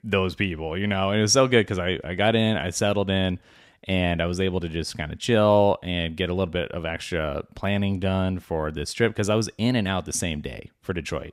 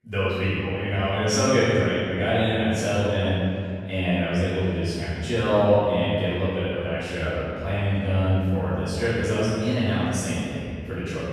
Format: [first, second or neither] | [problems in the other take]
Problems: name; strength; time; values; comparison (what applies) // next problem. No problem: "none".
first | room echo; strong; dies away in 2.2 s // off-mic speech; far